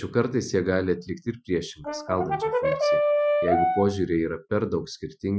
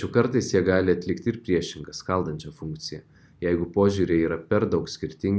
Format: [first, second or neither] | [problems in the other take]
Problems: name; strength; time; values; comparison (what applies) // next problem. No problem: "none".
second | noise reduction (classical method Wiener filter)